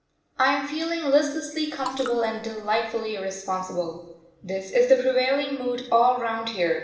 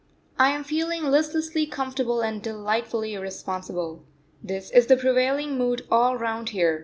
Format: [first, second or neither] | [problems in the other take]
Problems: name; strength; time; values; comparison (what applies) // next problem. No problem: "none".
second | noise reduction (neural separator model SepFormer DNS4)